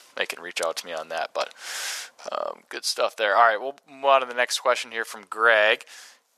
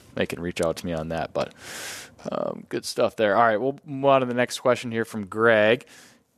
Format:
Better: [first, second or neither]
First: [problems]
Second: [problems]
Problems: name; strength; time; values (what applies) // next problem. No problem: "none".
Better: second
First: thin; very; fading below 850 Hz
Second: none